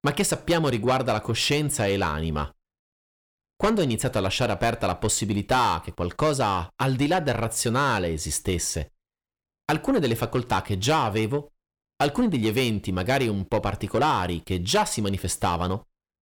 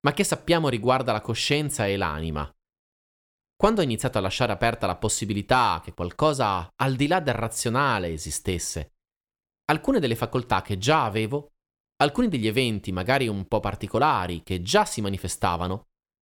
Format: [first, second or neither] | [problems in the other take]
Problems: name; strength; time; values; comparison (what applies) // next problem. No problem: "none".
second | distortion; slight; 10 dB below the speech